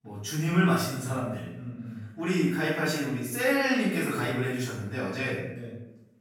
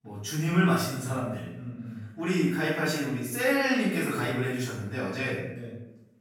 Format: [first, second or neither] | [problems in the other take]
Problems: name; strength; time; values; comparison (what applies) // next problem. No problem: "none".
neither | room echo; noticeable; dies away in 0.7 s; the same in both // off-mic speech; far; the same in both